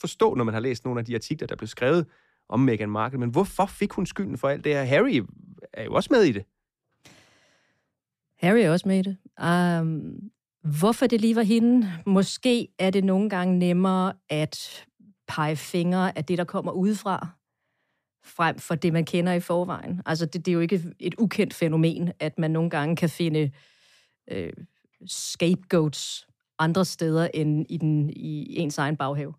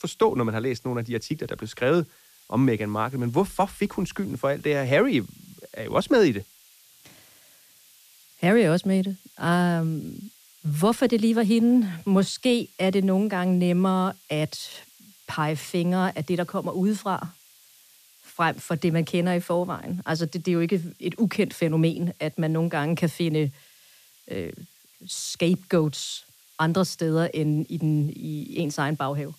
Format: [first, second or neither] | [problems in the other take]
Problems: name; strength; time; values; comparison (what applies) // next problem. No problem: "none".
first | hiss; faint; throughout; 25 dB below the speech